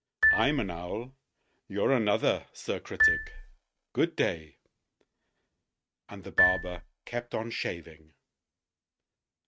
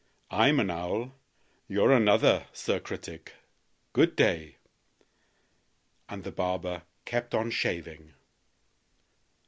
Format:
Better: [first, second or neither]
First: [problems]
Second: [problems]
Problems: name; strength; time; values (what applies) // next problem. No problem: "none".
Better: second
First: noise reduction (neural mask model RNNoise)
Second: none